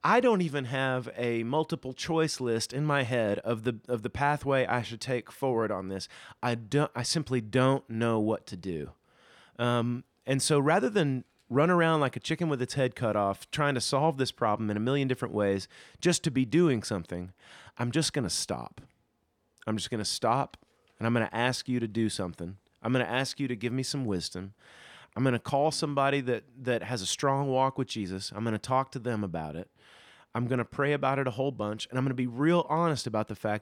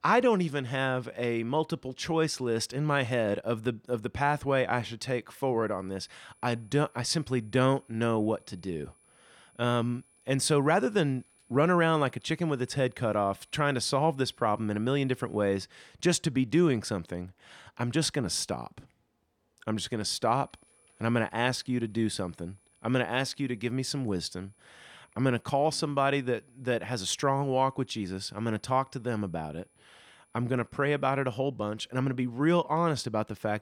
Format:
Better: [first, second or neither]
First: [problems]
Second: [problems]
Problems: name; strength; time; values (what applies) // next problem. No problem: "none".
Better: first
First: none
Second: high-pitched whine; faint; from 5.5 to 16 s and from 20 to 31 s; 10 kHz, 35 dB below the speech